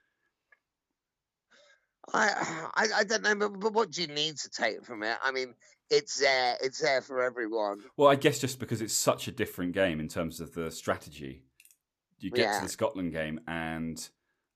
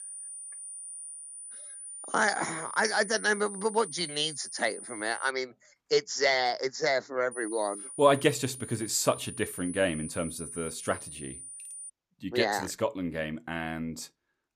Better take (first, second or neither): first